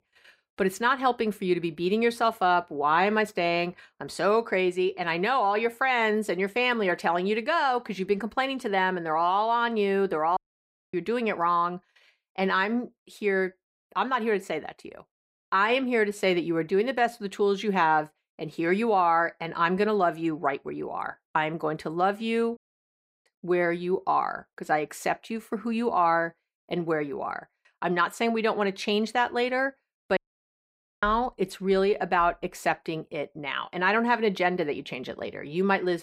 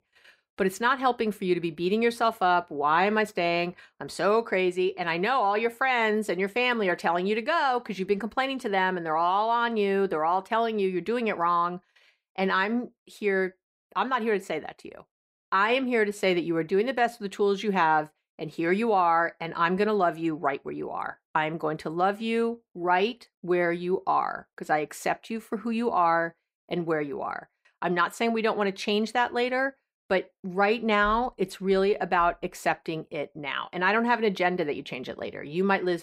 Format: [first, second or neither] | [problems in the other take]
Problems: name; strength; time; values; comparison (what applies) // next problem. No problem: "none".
second | audio cutting out; at 10 s for 0.5 s, at 23 s for 0.5 s and at 30 s for 1 s